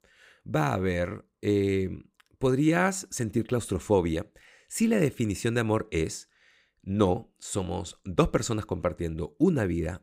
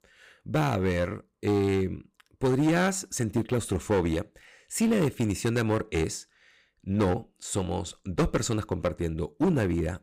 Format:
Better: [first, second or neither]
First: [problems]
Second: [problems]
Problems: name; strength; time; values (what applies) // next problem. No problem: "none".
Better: first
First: none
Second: distortion; slight; 7% of the sound clipped